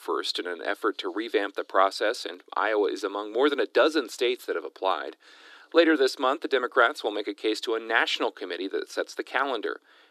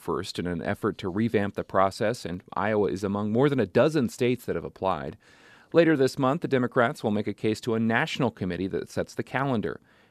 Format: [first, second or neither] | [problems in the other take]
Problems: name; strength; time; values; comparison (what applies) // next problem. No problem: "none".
second | thin; somewhat; fading below 300 Hz